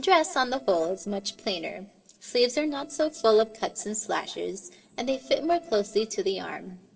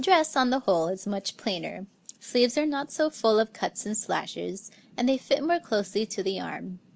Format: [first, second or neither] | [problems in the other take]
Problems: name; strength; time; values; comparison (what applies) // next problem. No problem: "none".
second | noise reduction (neural separator model SepFormer DNS4)